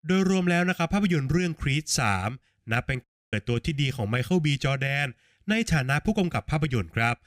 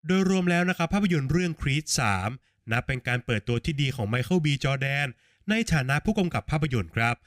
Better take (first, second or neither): second